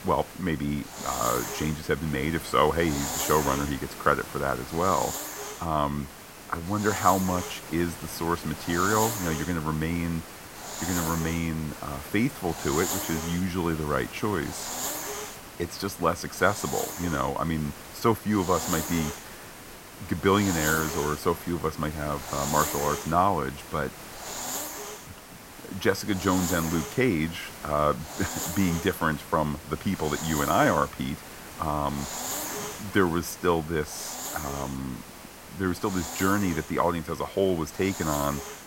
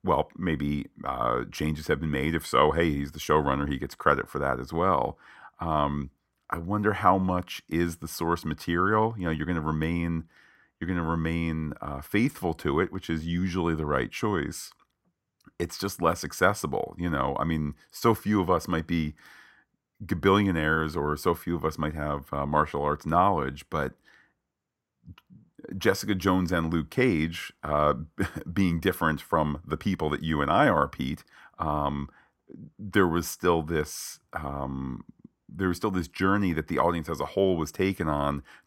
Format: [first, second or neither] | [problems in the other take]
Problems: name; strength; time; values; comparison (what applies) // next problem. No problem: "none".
second | hiss; loud; throughout; 7 dB below the speech